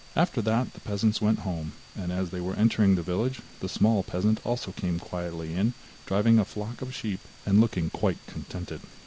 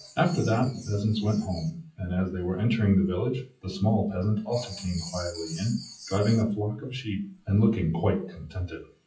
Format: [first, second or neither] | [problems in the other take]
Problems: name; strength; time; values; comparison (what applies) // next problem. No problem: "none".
first | noise reduction (classical method WPE with log-MMSE)